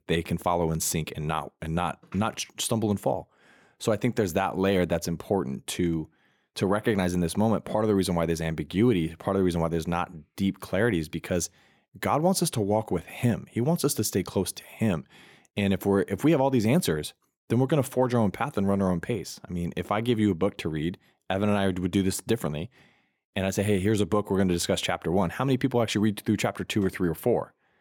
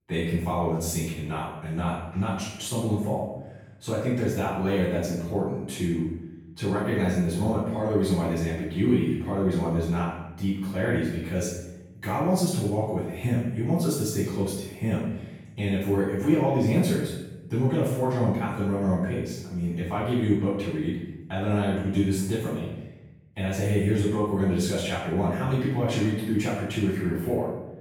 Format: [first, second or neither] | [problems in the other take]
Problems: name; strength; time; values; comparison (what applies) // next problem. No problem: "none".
first | off-mic speech; far // room echo; strong; dies away in 0.8 s